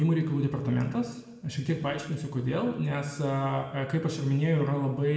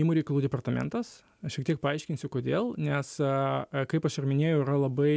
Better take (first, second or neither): second